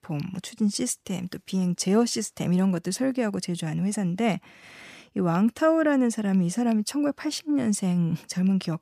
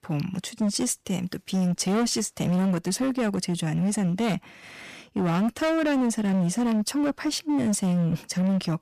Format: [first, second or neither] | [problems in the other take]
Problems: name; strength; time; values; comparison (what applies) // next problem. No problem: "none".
first | distortion; slight; 22% of the sound clipped